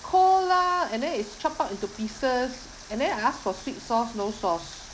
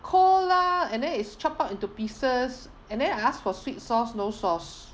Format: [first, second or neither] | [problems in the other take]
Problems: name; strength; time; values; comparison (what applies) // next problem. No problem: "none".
second | background sound (Water); 19 dB below the speech